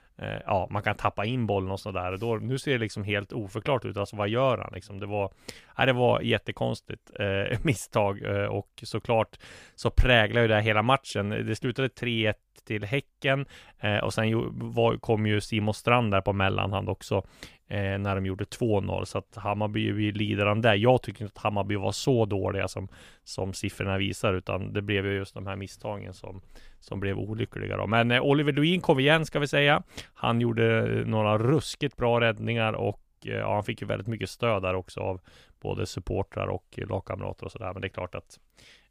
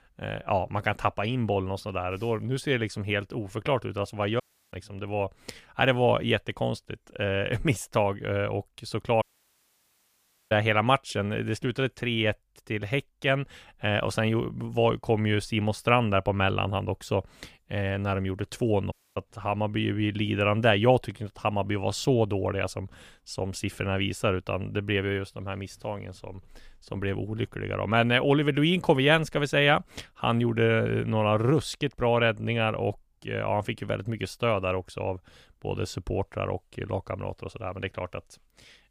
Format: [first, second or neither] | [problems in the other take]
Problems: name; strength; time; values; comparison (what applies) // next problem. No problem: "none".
first | audio cutting out; at 4.5 s, at 9 s for 1.5 s and at 19 s